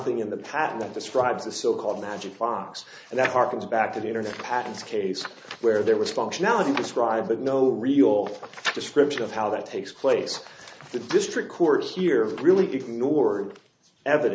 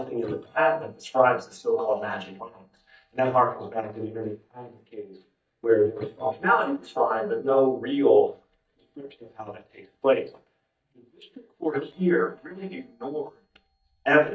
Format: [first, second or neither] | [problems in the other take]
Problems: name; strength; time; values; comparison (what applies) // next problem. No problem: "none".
first | noise reduction (neural mask model DeepFilterNet 3)